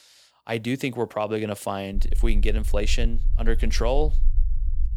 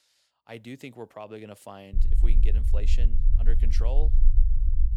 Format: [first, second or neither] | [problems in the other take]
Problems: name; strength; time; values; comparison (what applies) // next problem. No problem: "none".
first | low rumble; loud; from 2 s on; 7 dB below the speech; faint in the first